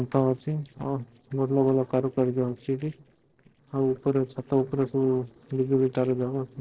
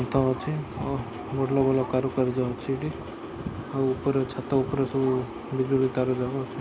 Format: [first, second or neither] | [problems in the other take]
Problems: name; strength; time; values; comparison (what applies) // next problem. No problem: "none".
second | noise reduction (neural separator model SepFormer DNS4)